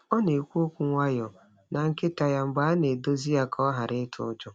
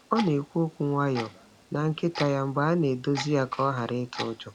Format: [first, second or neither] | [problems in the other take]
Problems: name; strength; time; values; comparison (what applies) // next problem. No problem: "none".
first | background sound (Clock); 14 dB below the speech